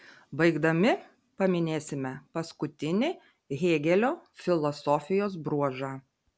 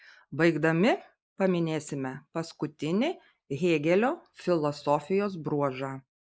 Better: first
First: none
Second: noise reduction (neural mask model Resemble Enhance denoiser)

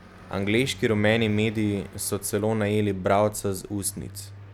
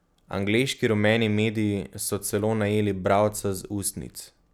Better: second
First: background sound (Car passing by); 19 dB below the speech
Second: none

